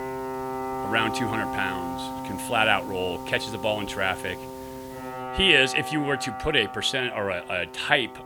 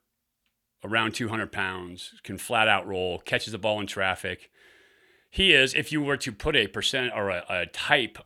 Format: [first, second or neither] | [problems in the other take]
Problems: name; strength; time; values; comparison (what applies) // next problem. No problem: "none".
second | background music; loud; throughout; 9 dB below the speech